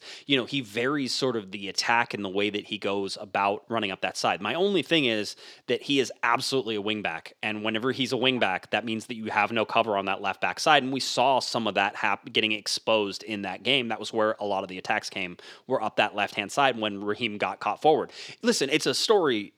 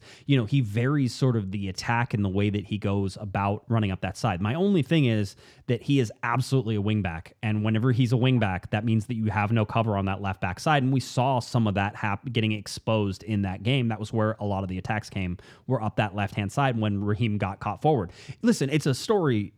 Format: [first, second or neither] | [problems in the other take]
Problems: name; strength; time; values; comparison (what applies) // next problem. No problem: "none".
second | thin; somewhat; fading below 400 Hz